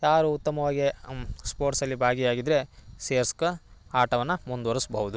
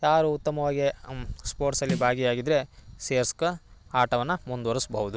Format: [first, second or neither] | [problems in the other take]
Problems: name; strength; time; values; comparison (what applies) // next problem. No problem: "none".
first | background sound (Snare drum); 9 dB below the speech